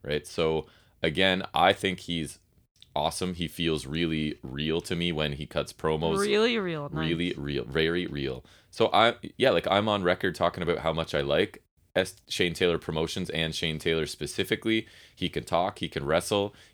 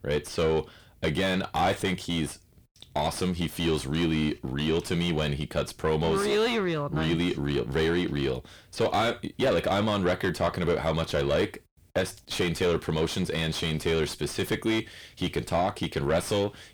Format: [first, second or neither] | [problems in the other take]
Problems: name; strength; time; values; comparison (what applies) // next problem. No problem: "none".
first | distortion; heavy; 6 dB below the speech